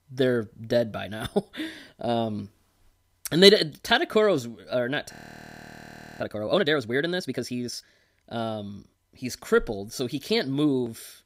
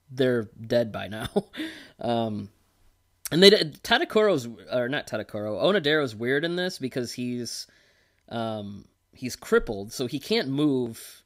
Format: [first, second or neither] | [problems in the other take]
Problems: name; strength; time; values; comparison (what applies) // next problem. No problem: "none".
second | audio freezing; at 5 s for 1 s